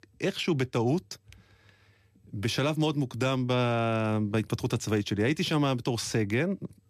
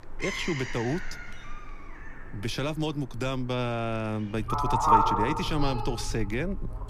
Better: first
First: none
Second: animal sounds; very loud; throughout; 2 dB above the speech

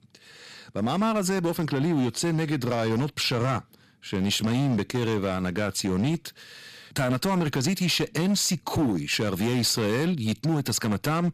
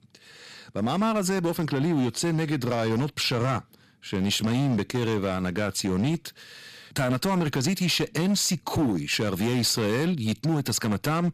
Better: neither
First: distortion; slight; 12% of the sound clipped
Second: distortion; slight; 12% of the sound clipped

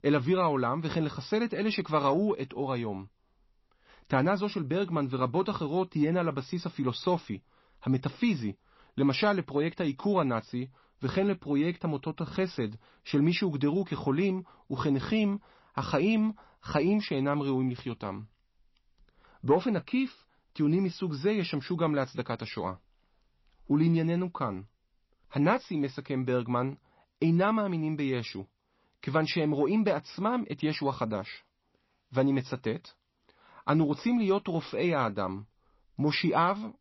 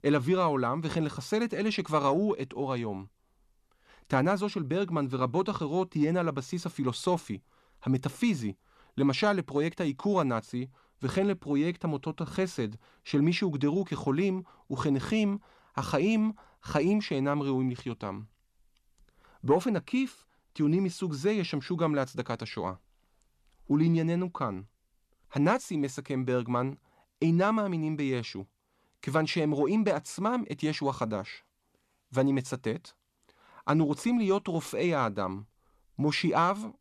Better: second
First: garbled, watery; slightly; nothing above 5.5 kHz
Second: none

